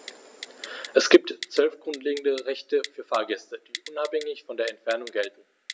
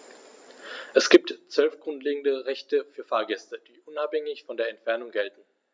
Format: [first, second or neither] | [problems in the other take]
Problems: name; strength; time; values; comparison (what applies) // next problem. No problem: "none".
second | background sound (Typing); 17 dB below the speech